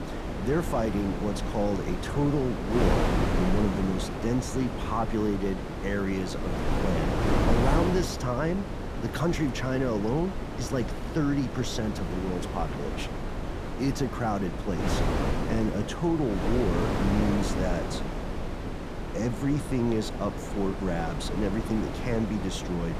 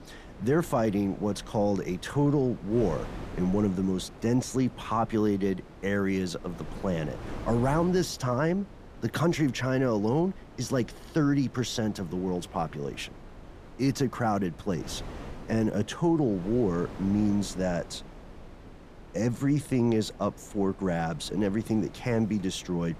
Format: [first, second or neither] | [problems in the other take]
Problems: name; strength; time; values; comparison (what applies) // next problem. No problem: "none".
second | wind noise on the microphone; heavy; 2 dB below the speech; occasional gusts in the second